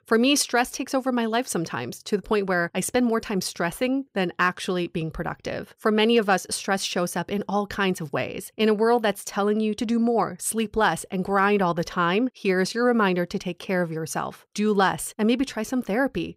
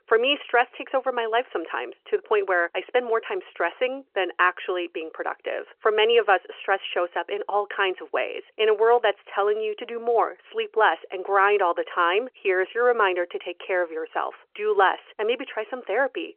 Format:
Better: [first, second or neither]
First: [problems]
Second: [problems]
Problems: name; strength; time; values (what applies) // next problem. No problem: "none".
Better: first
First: none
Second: phone-call audio; nothing above 3 kHz